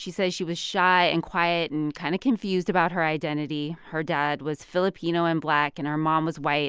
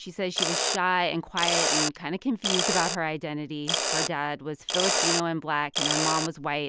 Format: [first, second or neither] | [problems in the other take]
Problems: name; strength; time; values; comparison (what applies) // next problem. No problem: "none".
first | background sound (Mechanisms); as loud as the speech